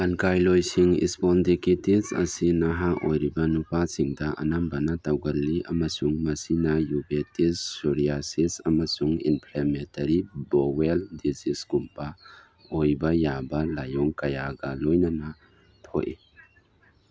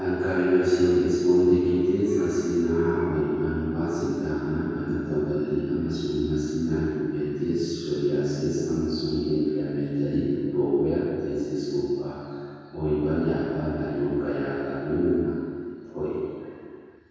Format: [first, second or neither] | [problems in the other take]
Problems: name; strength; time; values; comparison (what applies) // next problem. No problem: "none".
first | room echo; dies away in 2.2 s